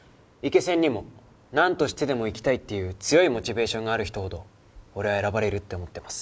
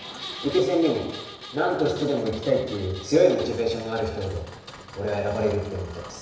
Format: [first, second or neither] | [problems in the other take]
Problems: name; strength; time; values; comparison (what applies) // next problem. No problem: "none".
first | background sound (Engine); 15 dB below the speech // room echo; dies away in 1 s